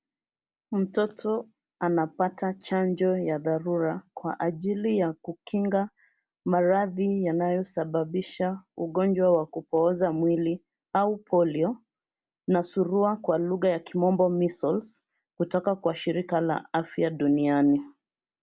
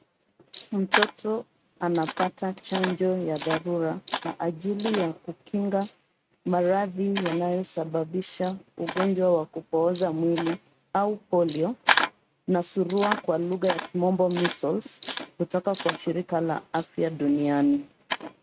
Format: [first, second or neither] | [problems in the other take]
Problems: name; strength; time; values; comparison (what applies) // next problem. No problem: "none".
first | noise reduction (neural mask model RNNoise)